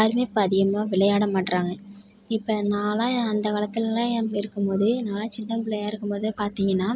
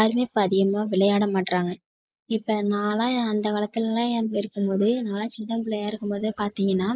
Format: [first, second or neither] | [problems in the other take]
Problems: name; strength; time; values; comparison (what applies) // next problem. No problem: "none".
first | noise reduction (neural mask model Resemble Enhance denoiser)